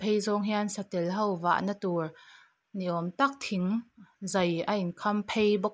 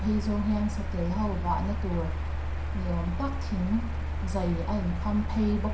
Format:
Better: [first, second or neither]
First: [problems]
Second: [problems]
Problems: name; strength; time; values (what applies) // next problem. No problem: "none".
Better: first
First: none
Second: background sound (Mechanical fan); as loud as the speech // room echo; dies away in 0.5 s